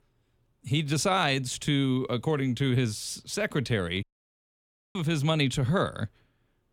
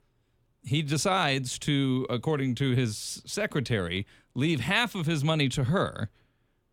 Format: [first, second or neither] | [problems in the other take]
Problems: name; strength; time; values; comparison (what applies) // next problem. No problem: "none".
second | audio cutting out; at 4 s for 1 s